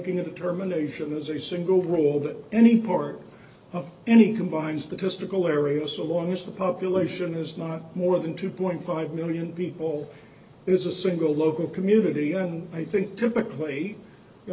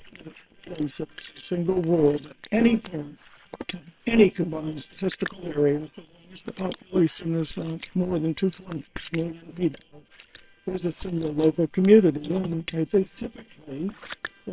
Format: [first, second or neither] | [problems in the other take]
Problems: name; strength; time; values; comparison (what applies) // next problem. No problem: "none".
first | noise reduction (neural separator model SepFormer WHAM!)